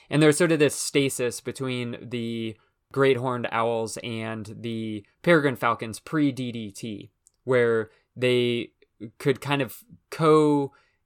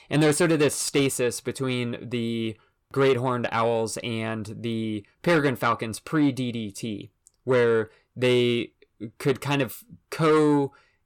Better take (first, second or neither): first